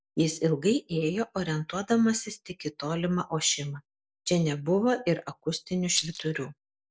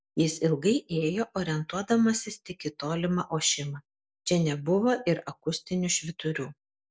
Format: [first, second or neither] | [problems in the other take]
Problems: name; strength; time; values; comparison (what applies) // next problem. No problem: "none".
second | background sound (Rattle); 5 dB below the speech